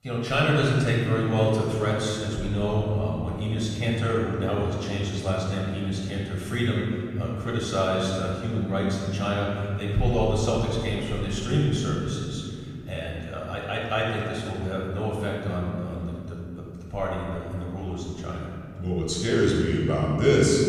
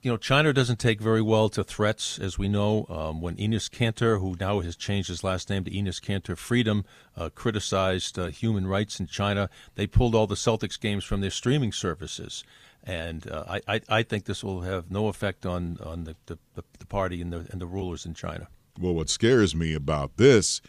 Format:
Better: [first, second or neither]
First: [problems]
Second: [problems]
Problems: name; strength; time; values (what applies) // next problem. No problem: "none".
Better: second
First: off-mic speech; far // room echo; strong; dies away in 2.8 s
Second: none